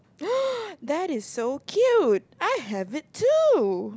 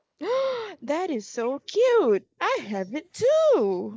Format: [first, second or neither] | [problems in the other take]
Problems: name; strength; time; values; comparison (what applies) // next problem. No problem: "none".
first | noise reduction (neural mask model Resemble Enhance denoiser)